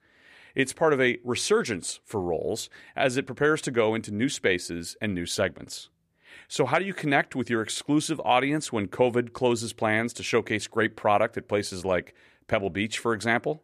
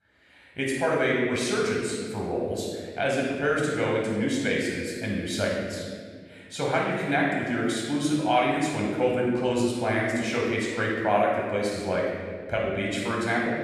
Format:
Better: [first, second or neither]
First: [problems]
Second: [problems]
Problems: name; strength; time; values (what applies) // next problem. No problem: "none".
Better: first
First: none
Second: off-mic speech; far // room echo; strong; dies away in 1.7 s